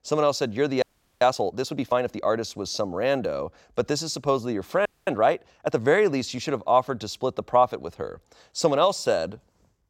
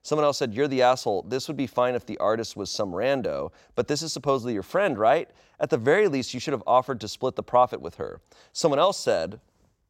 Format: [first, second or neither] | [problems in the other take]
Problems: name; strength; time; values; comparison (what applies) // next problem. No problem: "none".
second | audio freezing; at 1 s and at 5 s